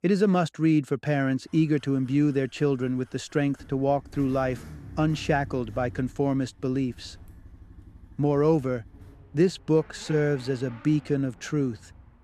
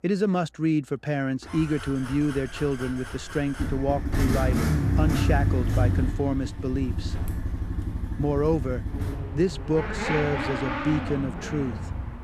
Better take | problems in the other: first | traffic noise; loud; throughout; 1 dB below the speech; faint in the first

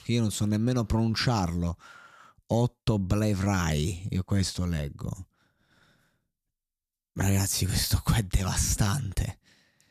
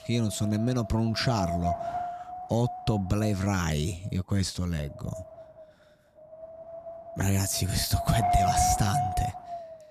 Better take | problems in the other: first | wind noise on the microphone; heavy; 1 dB above the speech

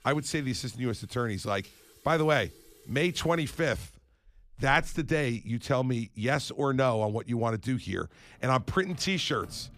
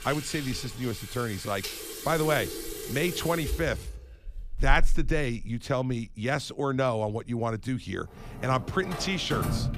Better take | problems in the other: first | household noises; loud; throughout; 6 dB below the speech; faint in the first

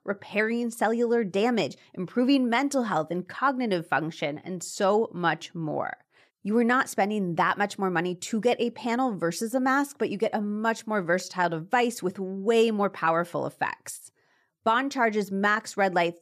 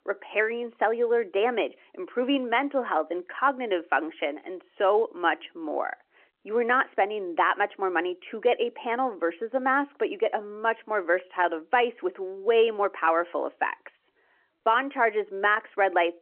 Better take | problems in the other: first | phone-call audio

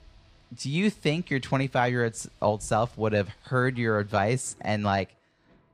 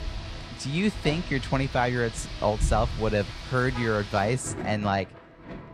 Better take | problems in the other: first | rain or running water; loud; throughout; 9 dB below the speech; faint in the first

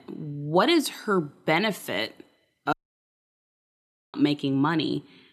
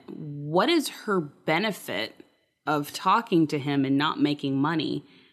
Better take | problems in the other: second | audio cutting out; at 2.5 s for 1.5 s

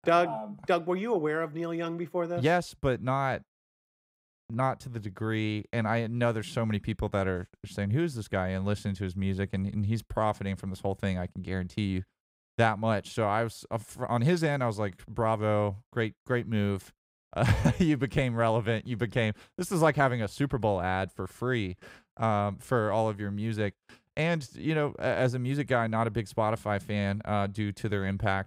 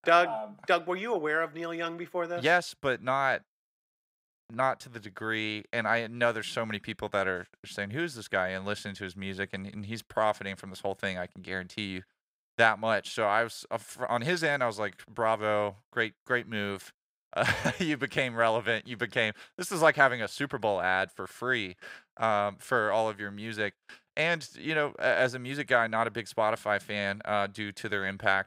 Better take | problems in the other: first | thin; somewhat; fading below 900 Hz

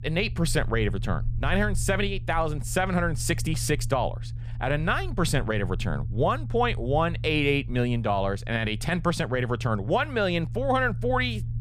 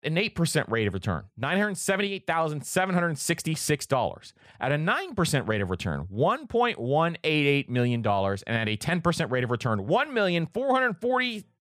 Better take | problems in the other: second | low rumble; faint; throughout; 20 dB below the speech

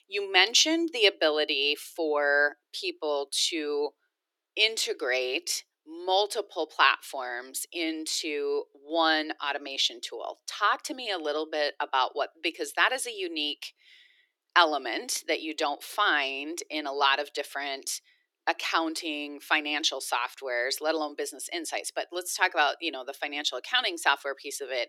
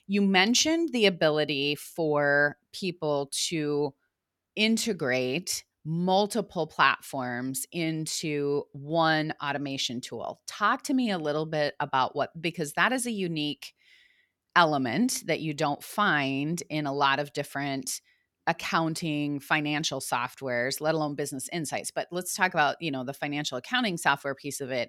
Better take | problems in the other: second | thin; very; fading below 300 Hz

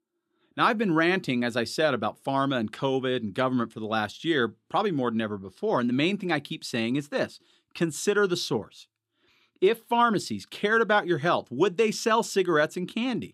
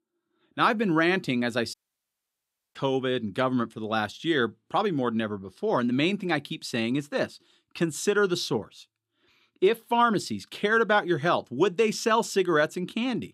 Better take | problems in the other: first | audio cutting out; at 1.5 s for 1 s

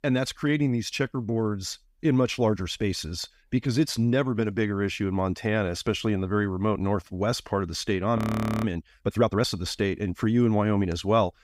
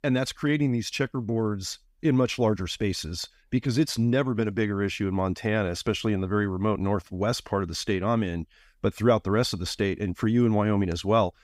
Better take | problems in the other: second | audio freezing; at 8 s

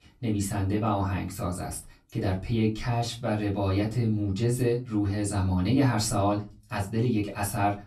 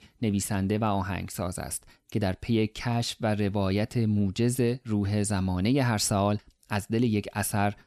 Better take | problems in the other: second | off-mic speech; far // room echo; very slight; dies away in 0.3 s

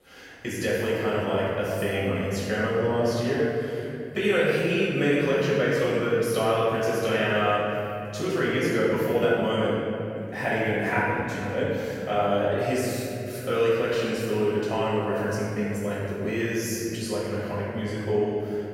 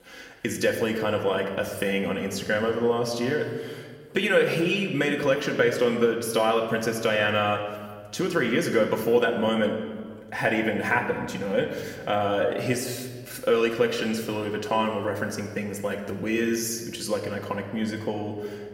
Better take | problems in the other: second | room echo; strong; dies away in 2.9 s; slight in the second // off-mic speech; far; somewhat distant in the second

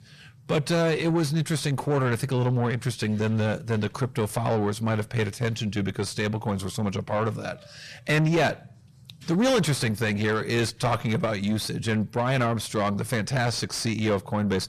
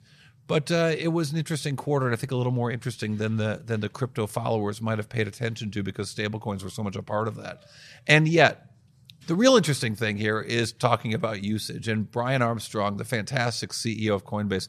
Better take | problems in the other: second | distortion; heavy; 7 dB below the speech

